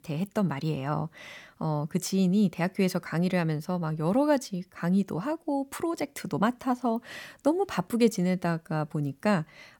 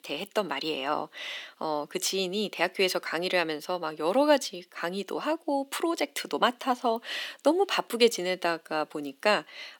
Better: first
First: none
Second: thin; somewhat; fading below 300 Hz

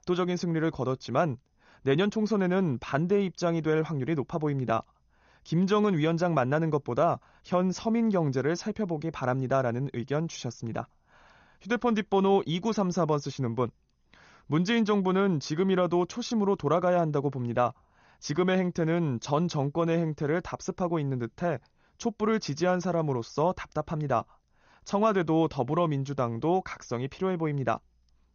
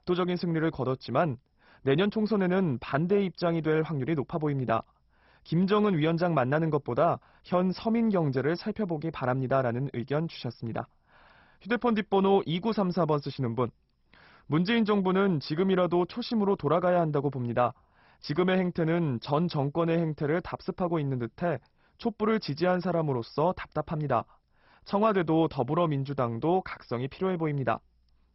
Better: first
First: garbled, watery; slightly; nothing above 6.5 kHz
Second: garbled, watery; badly; nothing above 5.5 kHz

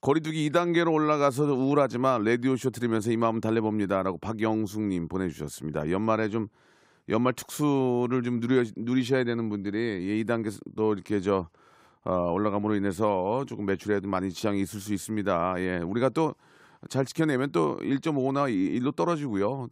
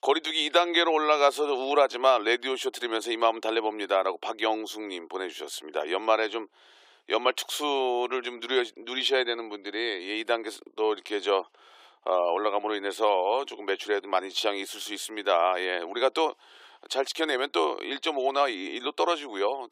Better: first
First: none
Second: thin; very; fading below 350 Hz

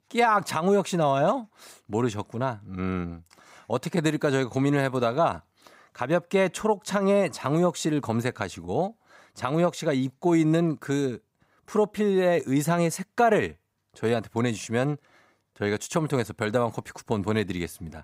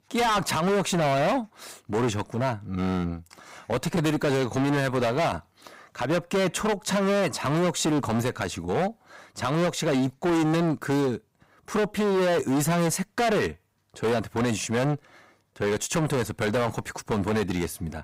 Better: first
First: none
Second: distortion; heavy; 21% of the sound clipped

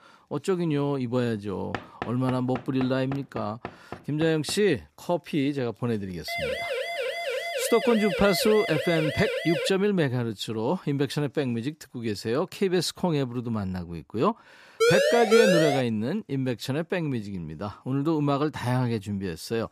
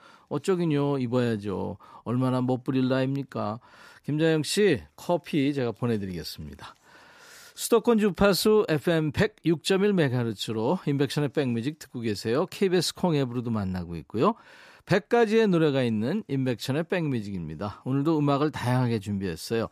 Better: second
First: door banging; noticeable; from 1.5 to 4.5 s; peak 9 dB below the speech // siren; noticeable; from 6.5 to 9.5 s; peak 2 dB below the speech // siren; loud; from 15 to 16 s; peak 6 dB above the speech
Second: none

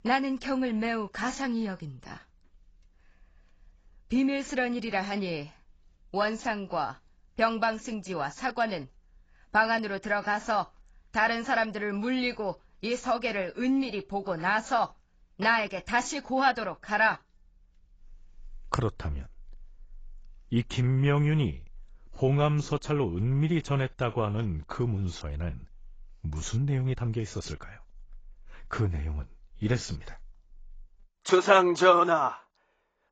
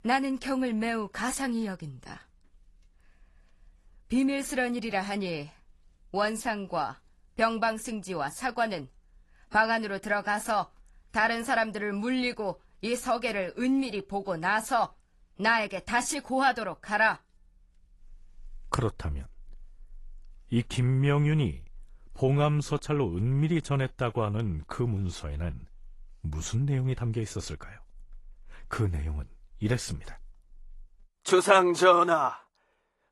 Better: second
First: garbled, watery; badly; nothing above 7.5 kHz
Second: garbled, watery; slightly; nothing above 11.5 kHz

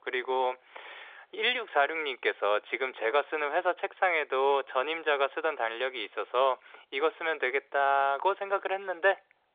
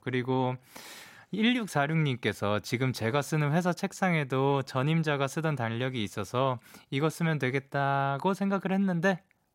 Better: second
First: phone-call audio; nothing above 3.5 kHz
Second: none

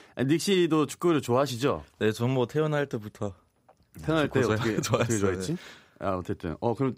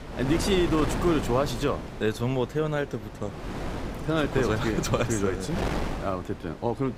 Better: first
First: none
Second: wind noise on the microphone; heavy; 7 dB below the speech

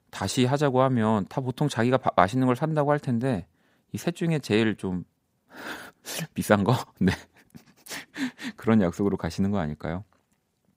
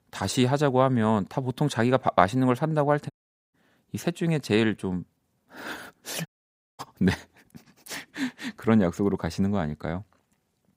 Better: first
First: none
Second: audio cutting out; at 3 s and at 6.5 s for 0.5 s

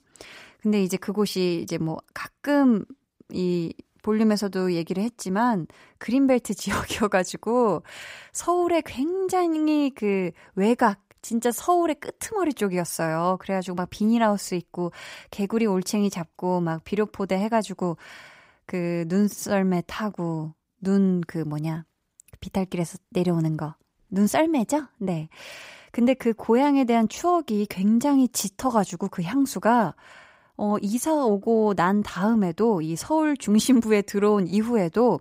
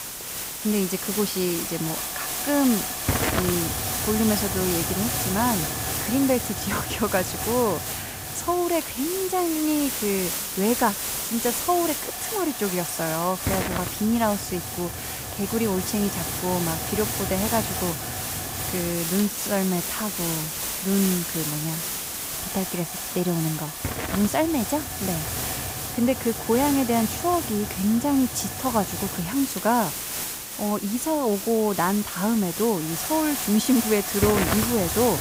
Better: first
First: none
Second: hiss; loud; throughout; 2 dB below the speech

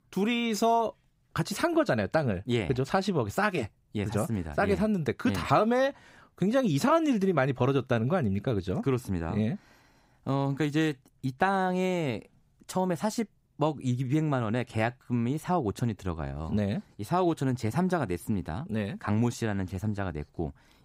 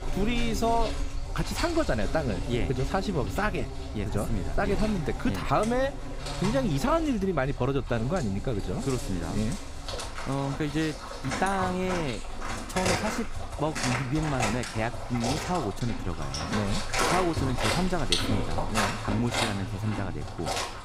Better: first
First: none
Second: animal sounds; loud; throughout; 3 dB below the speech

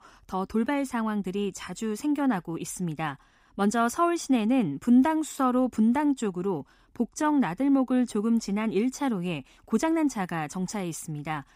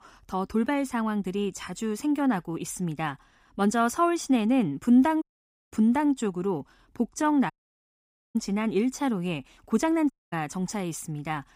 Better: first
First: none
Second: audio cutting out; at 5 s, at 7.5 s for 1 s and at 10 s

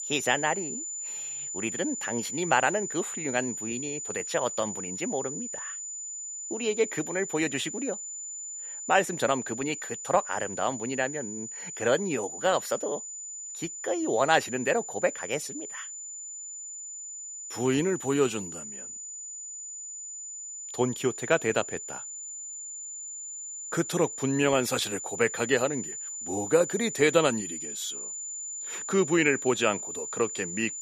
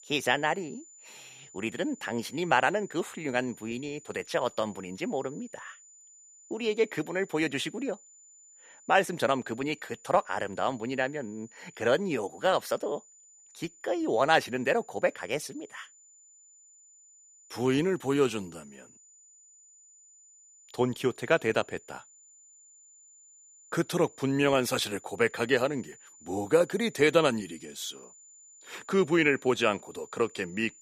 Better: second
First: high-pitched whine; loud; throughout; 7 kHz, 7 dB below the speech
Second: high-pitched whine; faint; throughout; 7 kHz, 25 dB below the speech

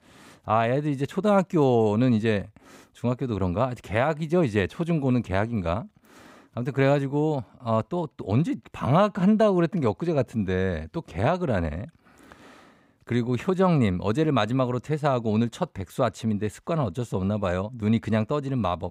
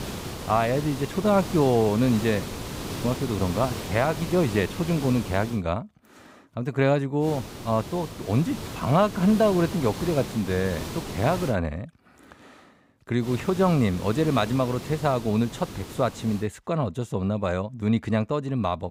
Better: first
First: none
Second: hiss; noticeable; until 5.5 s, from 7 to 12 s and from 13 to 16 s; 10 dB below the speech

